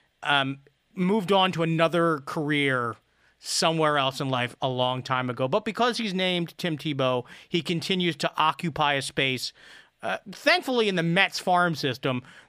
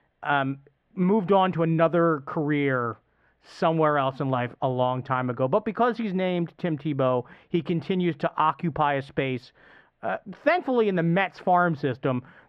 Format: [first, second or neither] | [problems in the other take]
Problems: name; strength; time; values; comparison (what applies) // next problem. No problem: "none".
first | muffled; very; fading above 3.5 kHz